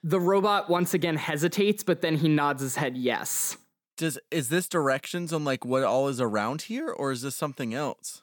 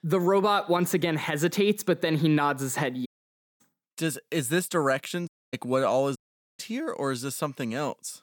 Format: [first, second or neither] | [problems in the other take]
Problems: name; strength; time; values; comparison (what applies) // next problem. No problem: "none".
first | audio cutting out; at 3 s for 0.5 s, at 5.5 s and at 6 s